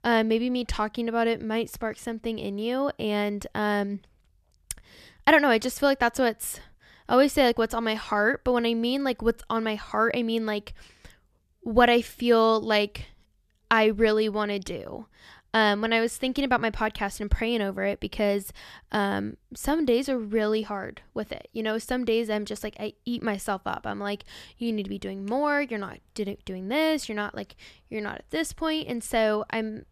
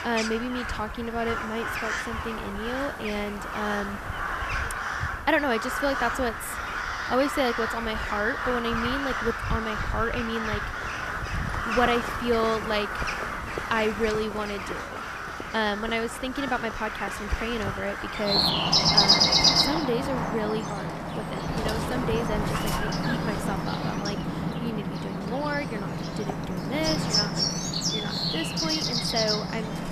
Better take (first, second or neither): first